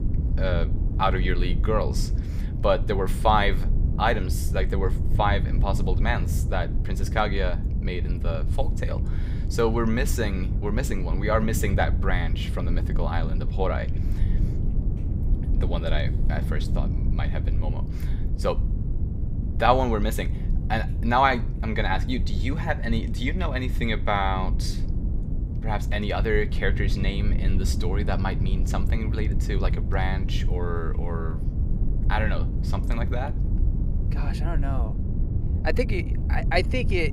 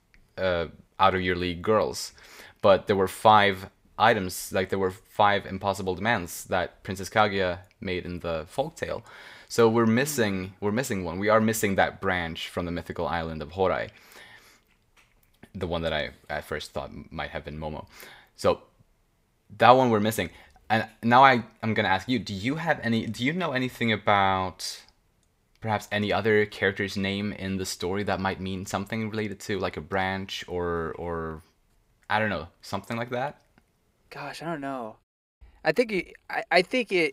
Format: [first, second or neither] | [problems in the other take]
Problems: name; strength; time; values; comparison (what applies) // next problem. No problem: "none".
second | low rumble; noticeable; throughout; 15 dB below the speech